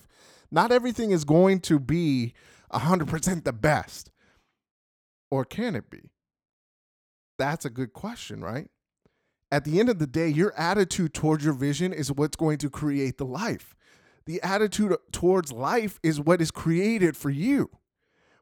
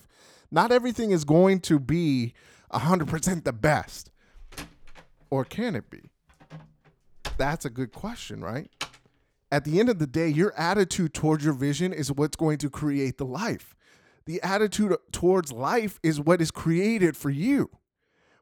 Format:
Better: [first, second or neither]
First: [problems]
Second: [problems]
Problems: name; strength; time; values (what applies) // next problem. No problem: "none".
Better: first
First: none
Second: door banging; faint; from 4.5 to 9 s; peak 10 dB below the speech